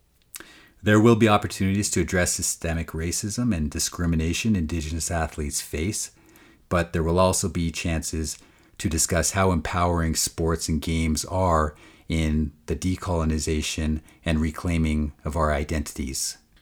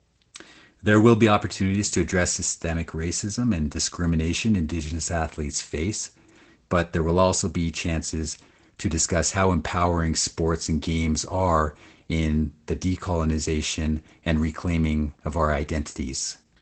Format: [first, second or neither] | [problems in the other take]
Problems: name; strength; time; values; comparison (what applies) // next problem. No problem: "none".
first | garbled, watery; badly; nothing above 8 kHz